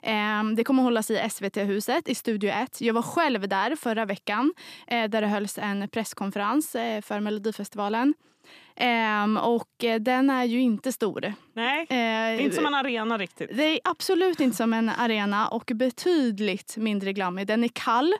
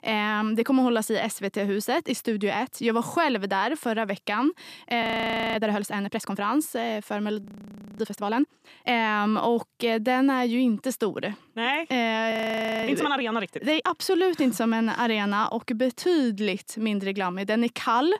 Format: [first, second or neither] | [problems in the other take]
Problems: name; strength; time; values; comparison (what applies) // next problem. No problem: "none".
first | audio freezing; at 5 s for 0.5 s, at 7.5 s for 0.5 s and at 12 s for 0.5 s